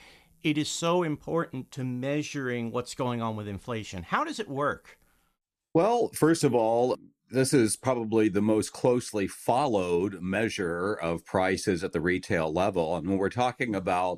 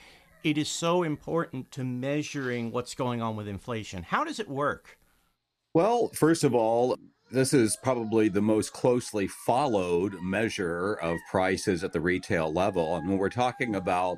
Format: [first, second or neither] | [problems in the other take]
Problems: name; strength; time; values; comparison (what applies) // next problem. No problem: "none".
first | animal sounds; faint; throughout; 25 dB below the speech